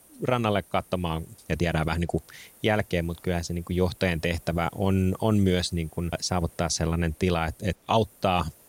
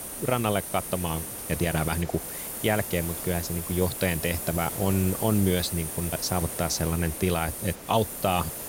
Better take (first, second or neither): first